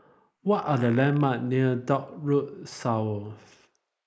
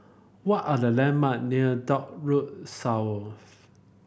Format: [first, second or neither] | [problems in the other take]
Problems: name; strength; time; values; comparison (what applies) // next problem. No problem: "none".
second | noise reduction (neural mask model Resemble Enhance denoiser)